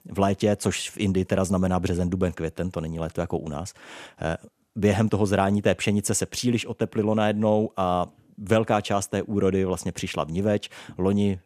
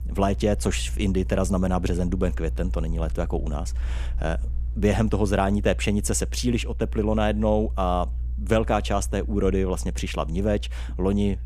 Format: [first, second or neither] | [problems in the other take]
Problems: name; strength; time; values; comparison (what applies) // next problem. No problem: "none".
first | low rumble; faint; throughout; 25 dB below the speech